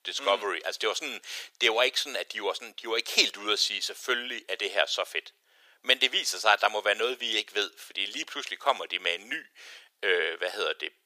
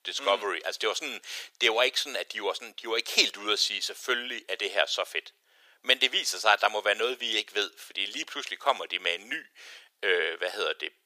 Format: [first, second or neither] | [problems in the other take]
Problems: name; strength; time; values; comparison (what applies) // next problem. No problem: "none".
neither | thin; very; fading below 450 Hz; the same in both